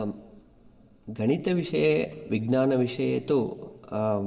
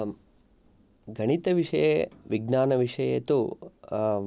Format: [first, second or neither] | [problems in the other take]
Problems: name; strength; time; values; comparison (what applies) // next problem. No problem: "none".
second | room echo; dies away in 2.3 s